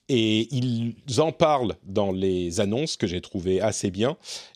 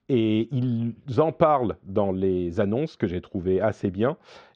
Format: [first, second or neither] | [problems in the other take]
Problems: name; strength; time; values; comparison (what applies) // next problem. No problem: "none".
first | muffled; very; fading above 1.5 kHz